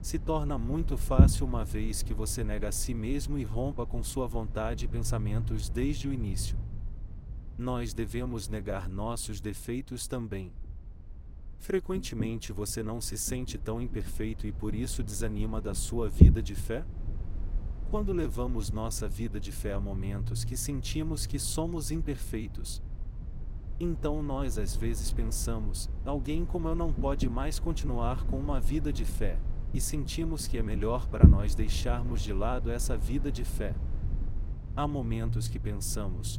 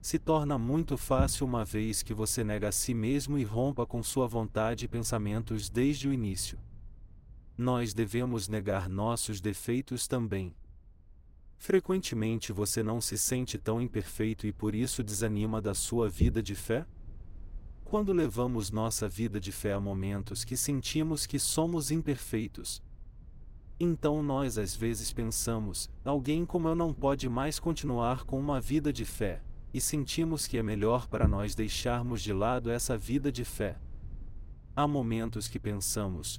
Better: second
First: low rumble; loud; throughout; 8 dB below the speech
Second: low rumble; faint; throughout; 25 dB below the speech

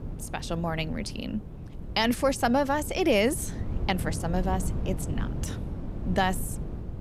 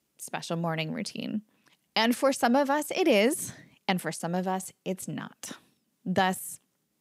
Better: second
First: wind noise on the microphone; occasional gusts; 15 dB below the speech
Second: none

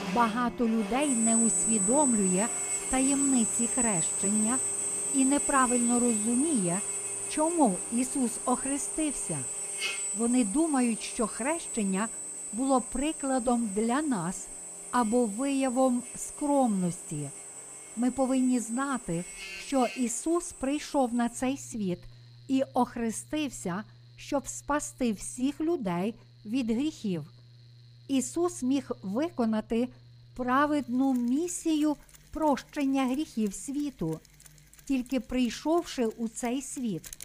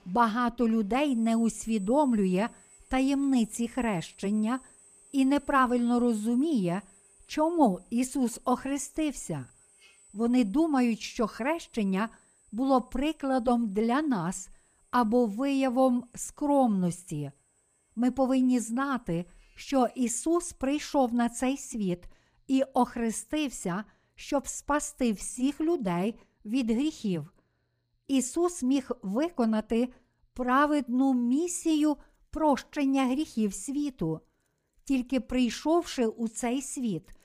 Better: second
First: machinery noise; loud; throughout; 1 dB below the speech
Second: machinery noise; faint; throughout; 30 dB below the speech

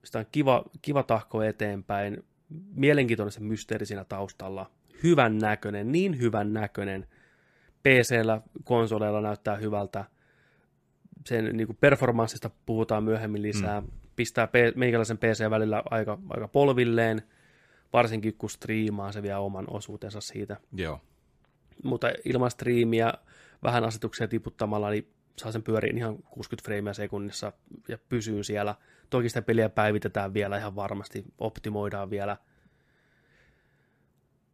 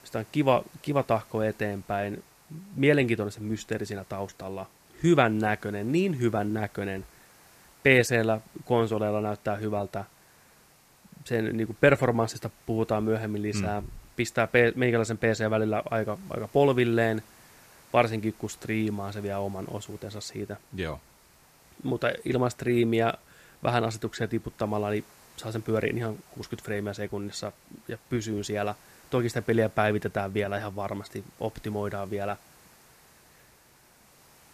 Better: first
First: none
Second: hiss; faint; throughout; 25 dB below the speech

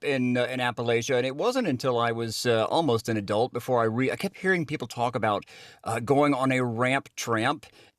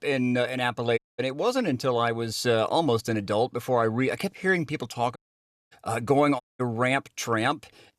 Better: first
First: none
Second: audio cutting out; at 1 s, at 5 s for 0.5 s and at 6.5 s

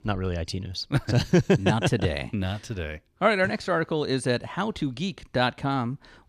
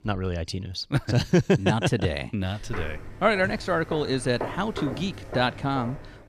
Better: first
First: none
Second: footsteps; noticeable; from 2.5 s on; peak 8 dB below the speech

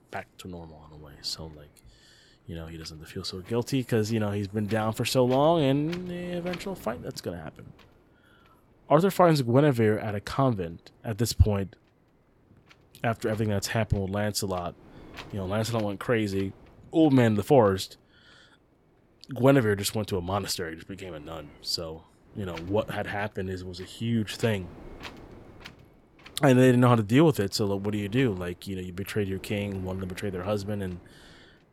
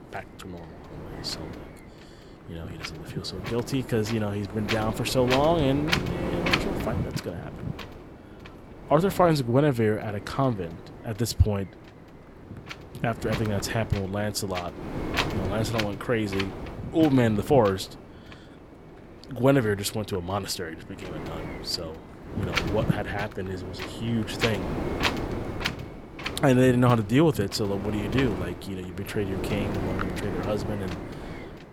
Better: first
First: wind noise on the microphone; occasional gusts; 20 dB below the speech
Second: wind noise on the microphone; heavy; 5 dB below the speech

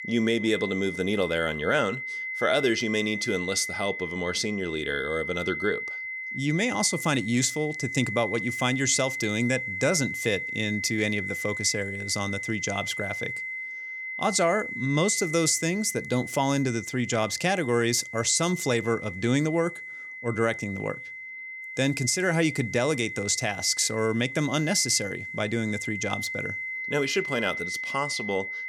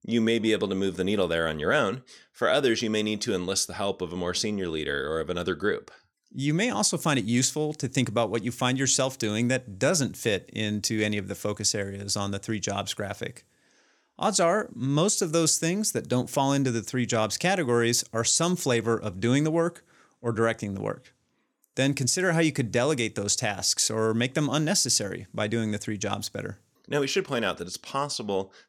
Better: second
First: high-pitched whine; loud; throughout; 2 kHz, 6 dB below the speech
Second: none

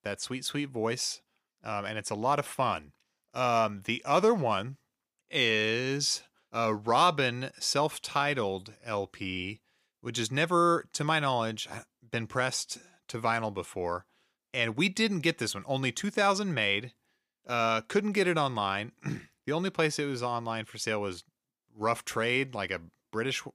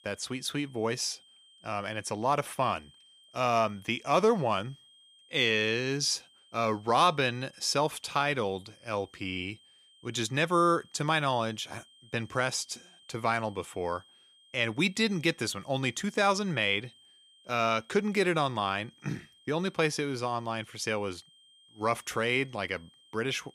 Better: first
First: none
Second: high-pitched whine; faint; throughout; 3 kHz, 30 dB below the speech

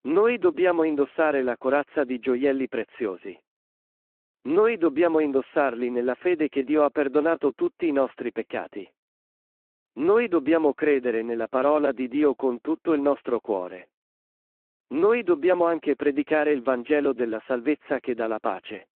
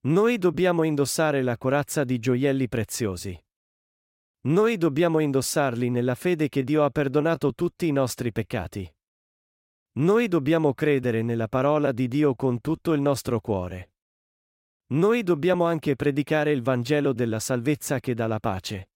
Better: second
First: phone-call audio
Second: none

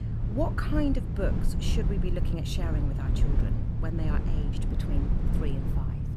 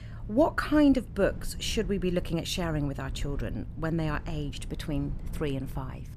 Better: second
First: low rumble; loud; throughout; 4 dB below the speech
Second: low rumble; faint; throughout; 20 dB below the speech

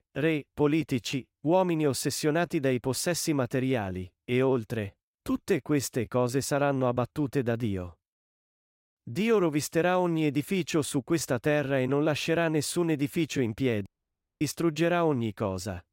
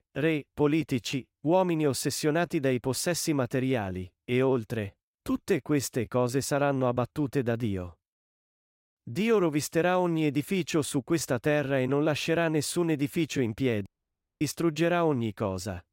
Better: neither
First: audio cutting out; at 14 s for 0.5 s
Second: audio cutting out; at 14 s for 0.5 s

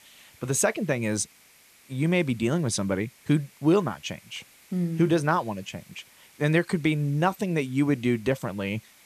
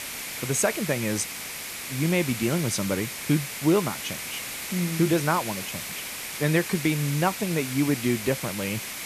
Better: first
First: hiss; faint; throughout; 25 dB below the speech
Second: hiss; loud; throughout; 6 dB below the speech

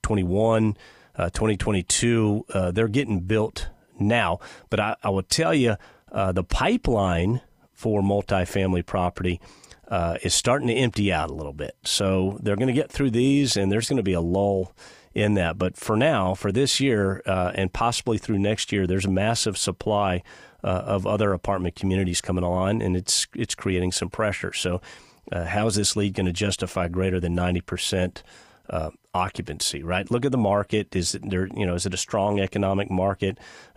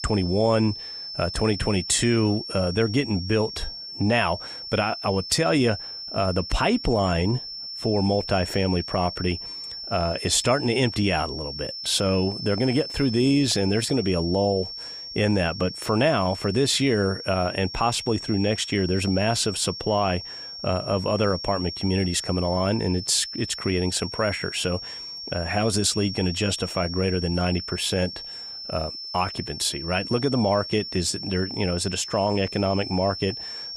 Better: first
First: none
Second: high-pitched whine; loud; throughout; 5.5 kHz, 8 dB below the speech

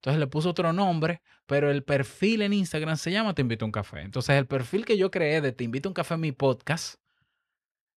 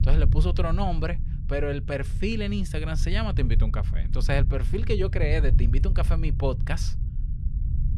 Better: first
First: none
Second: low rumble; noticeable; throughout; 10 dB below the speech

